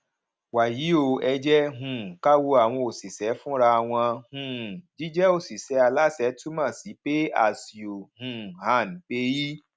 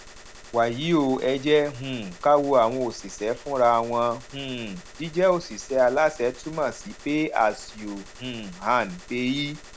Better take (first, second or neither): first